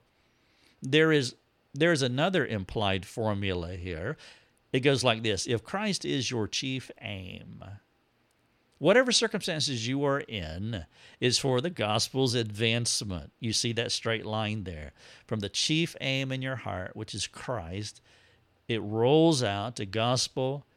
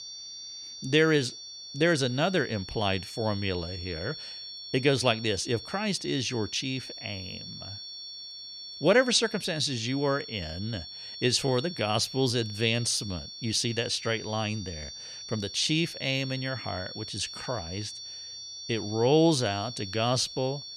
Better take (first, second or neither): first